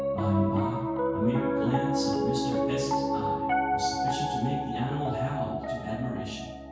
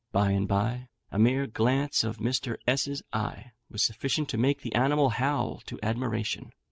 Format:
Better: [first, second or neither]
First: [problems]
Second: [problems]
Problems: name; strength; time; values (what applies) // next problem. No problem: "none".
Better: second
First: background sound (Piano); 3 dB above the speech // room echo; dies away in 0.6 s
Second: none